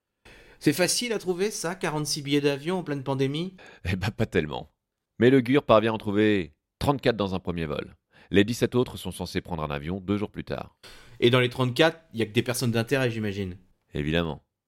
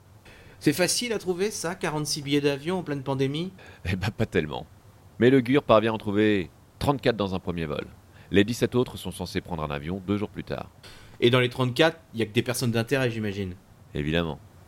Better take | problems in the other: first | hiss; faint; throughout; 25 dB below the speech

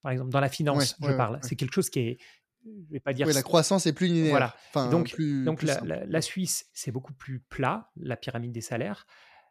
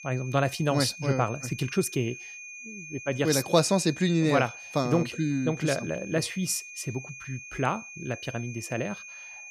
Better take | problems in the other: first | high-pitched whine; noticeable; throughout; 2.5 kHz, 15 dB below the speech

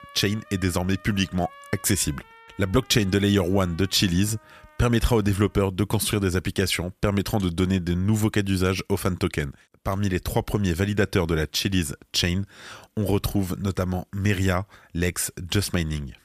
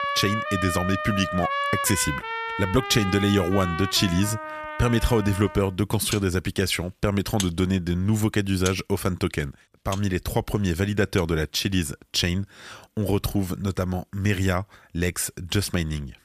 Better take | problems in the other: first | background music; loud; until 11 s; 6 dB below the speech; faint in the first

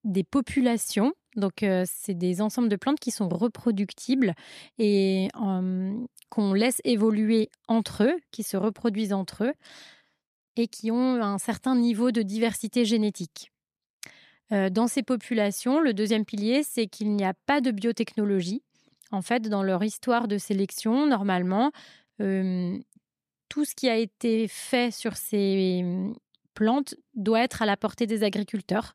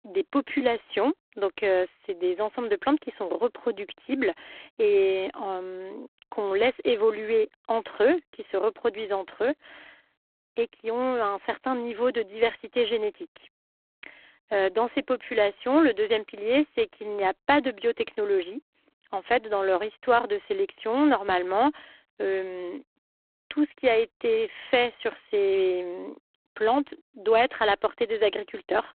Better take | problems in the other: first | phone-call audio; poor line

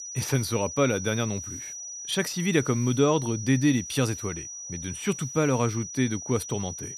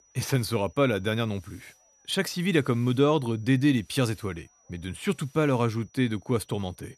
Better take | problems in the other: second | high-pitched whine; loud; throughout; 6 kHz, 9 dB below the speech; faint in the second

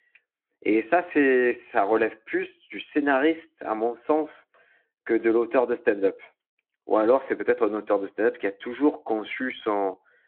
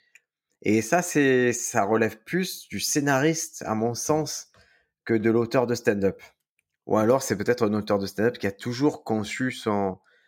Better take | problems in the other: second | phone-call audio

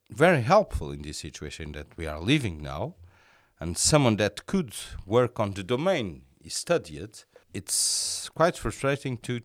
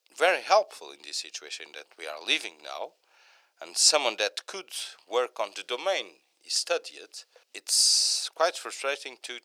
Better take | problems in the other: first | thin; very; fading below 450 Hz

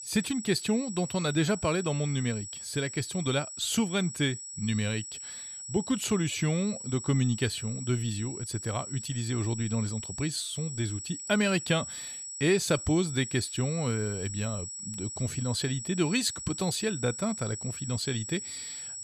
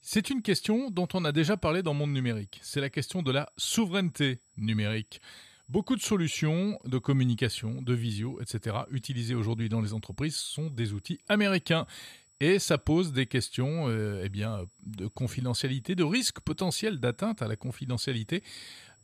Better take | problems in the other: second | high-pitched whine; loud; throughout; 8 kHz, 7 dB below the speech; faint in the second

